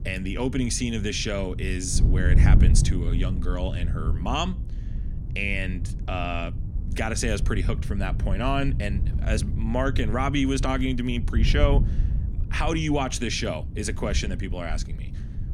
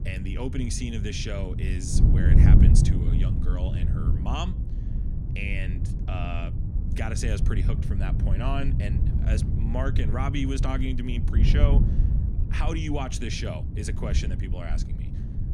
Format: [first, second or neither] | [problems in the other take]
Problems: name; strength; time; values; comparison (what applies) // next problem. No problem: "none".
first | wind noise on the microphone; heavy; 4 dB below the speech; occasional gusts in the first